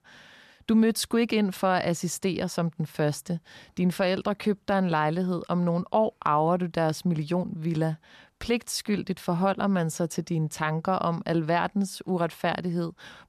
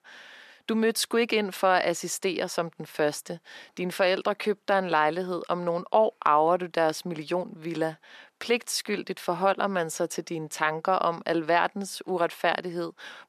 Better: first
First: none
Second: thin; somewhat; fading below 400 Hz

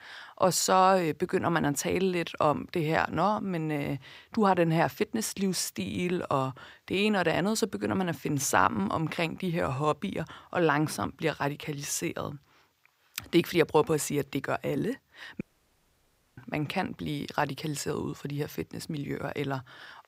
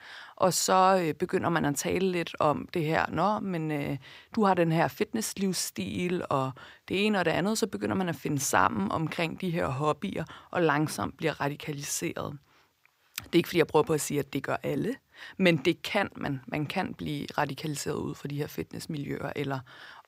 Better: second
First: audio cutting out; at 15 s for 1 s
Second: none

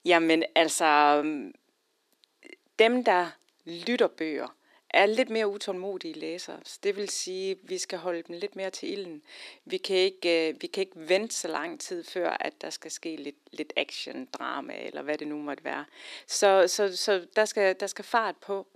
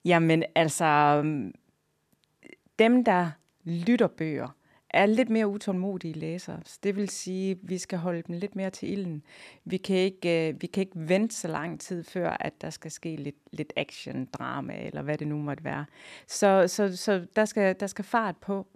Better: second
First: thin; somewhat; fading below 300 Hz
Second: none

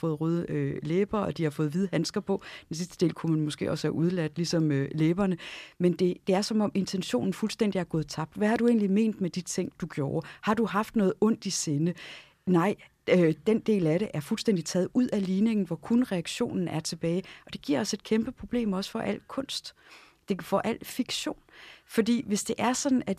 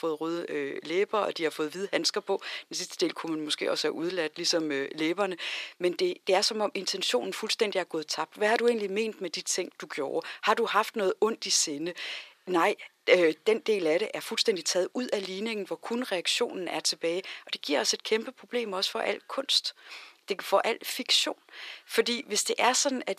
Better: first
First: none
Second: thin; very; fading below 400 Hz

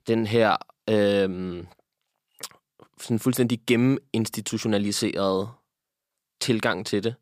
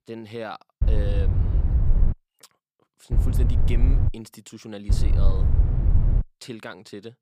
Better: first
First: none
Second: wind noise on the microphone; heavy; from 1 to 2 s, at 3 s and from 5 to 6 s; 2 dB below the speech

